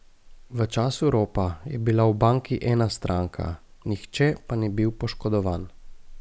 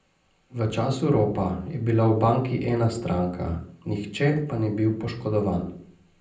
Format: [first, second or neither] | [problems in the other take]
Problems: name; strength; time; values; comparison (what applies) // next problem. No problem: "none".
first | room echo; dies away in 0.6 s